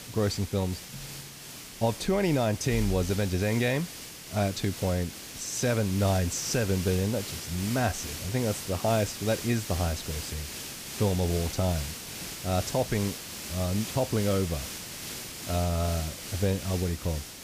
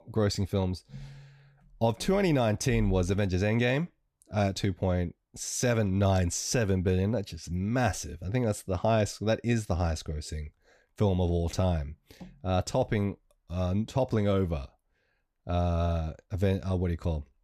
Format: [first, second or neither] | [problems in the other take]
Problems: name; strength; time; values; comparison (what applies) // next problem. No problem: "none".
second | hiss; loud; throughout; 8 dB below the speech